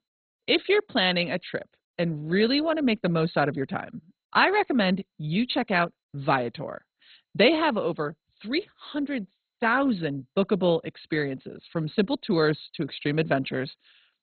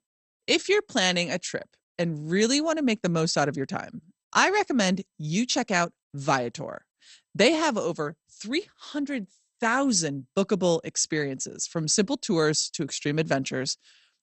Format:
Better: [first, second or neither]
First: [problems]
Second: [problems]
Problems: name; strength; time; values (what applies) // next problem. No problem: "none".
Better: second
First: garbled, watery; badly; nothing above 4 kHz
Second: garbled, watery; slightly; nothing above 8 kHz